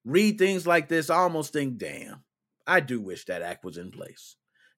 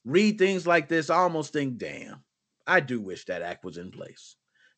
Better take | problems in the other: first | garbled, watery; slightly; nothing above 8 kHz

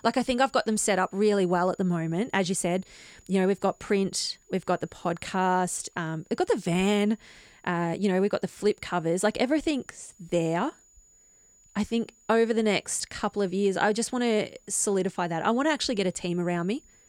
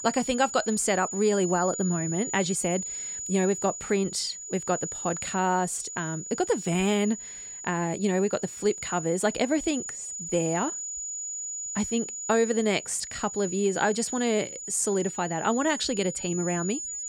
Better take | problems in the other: first | high-pitched whine; loud; throughout; 7 kHz, 6 dB below the speech; faint in the first

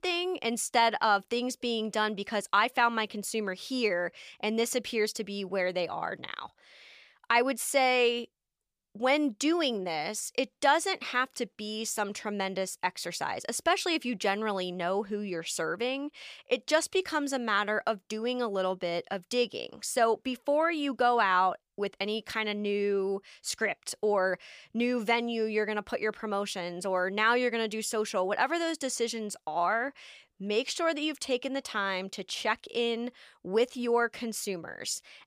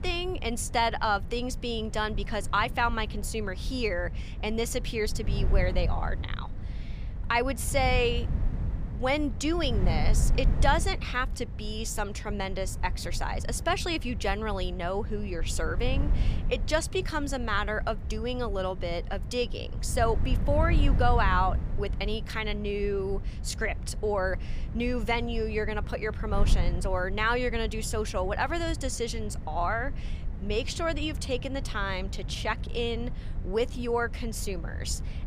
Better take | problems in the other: first | wind noise on the microphone; occasional gusts; 15 dB below the speech

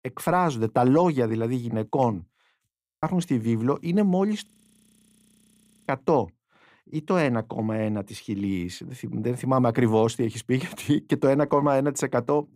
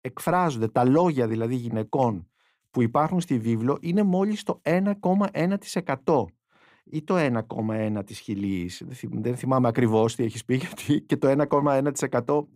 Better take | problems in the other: second | audio freezing; at 2.5 s and at 4.5 s for 1.5 s

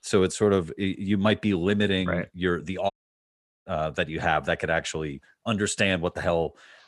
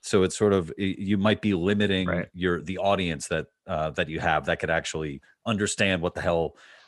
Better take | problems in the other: second | audio cutting out; at 3 s for 1 s

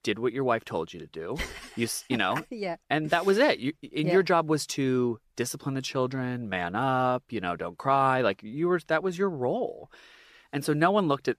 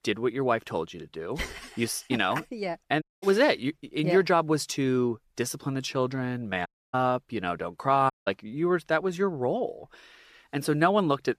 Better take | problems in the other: first | audio cutting out; at 3 s, at 6.5 s and at 8 s

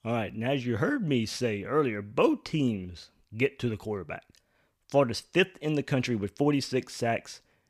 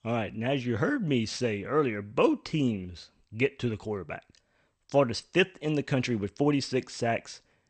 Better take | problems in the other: first | garbled, watery; slightly; nothing above 8.5 kHz

